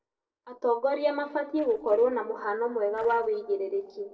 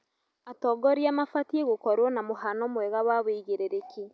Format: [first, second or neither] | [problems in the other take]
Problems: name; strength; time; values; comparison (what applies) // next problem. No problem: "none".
second | noise reduction (neural separator model SepFormer DNS4)